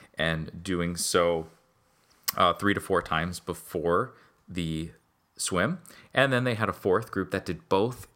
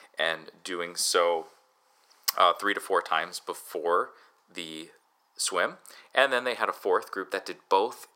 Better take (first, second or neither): first